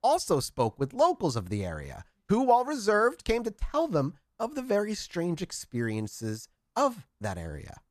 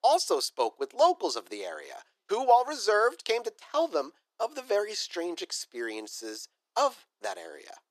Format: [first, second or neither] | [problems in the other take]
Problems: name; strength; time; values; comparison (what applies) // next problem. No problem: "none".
first | thin; very; fading below 350 Hz